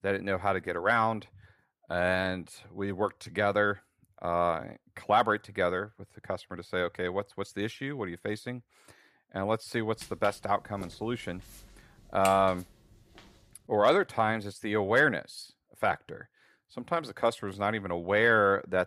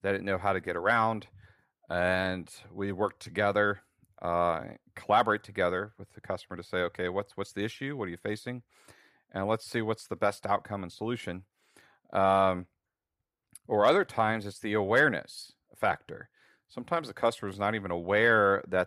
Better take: second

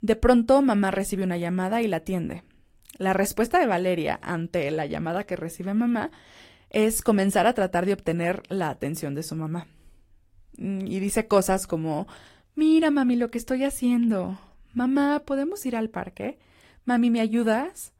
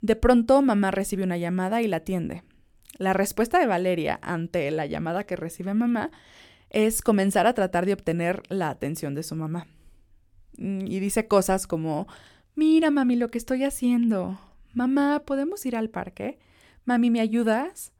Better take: second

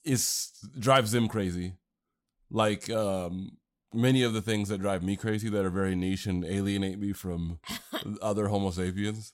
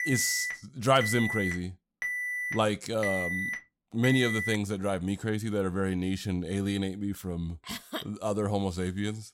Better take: first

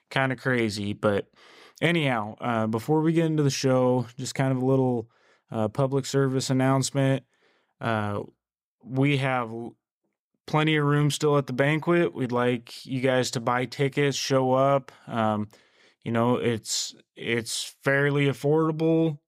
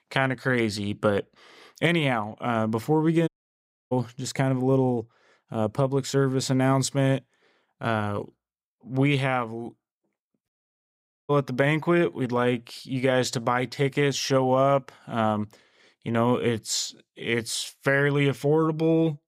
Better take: first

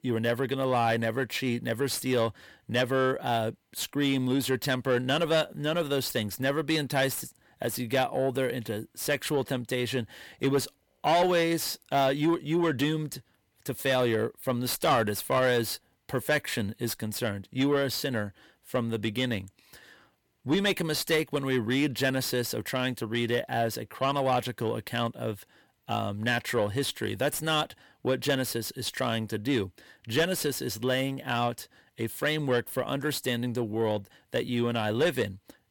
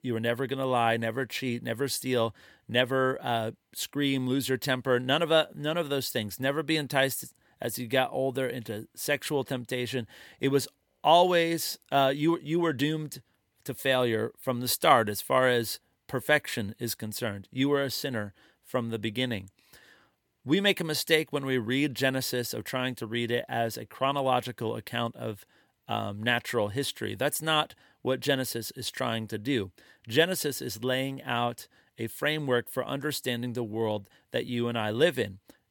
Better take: second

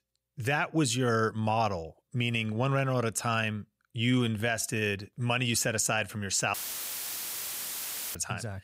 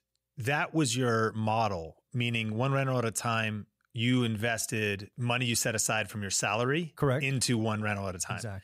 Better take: second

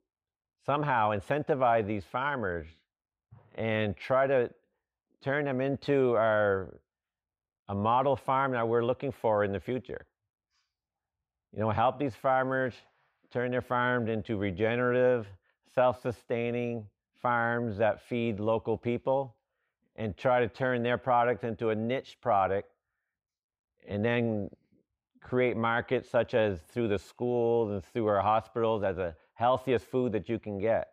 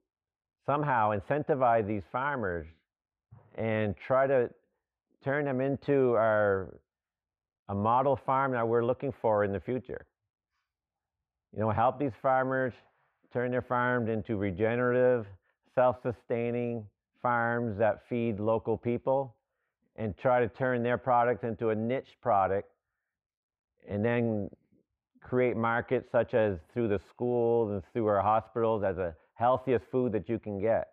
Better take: first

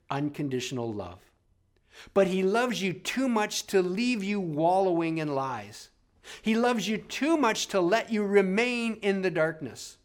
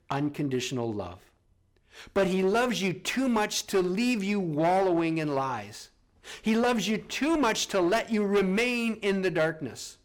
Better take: first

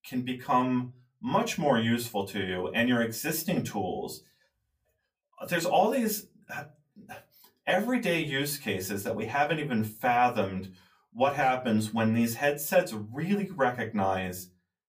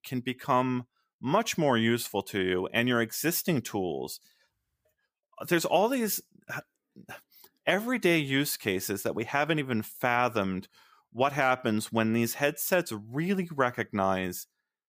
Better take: second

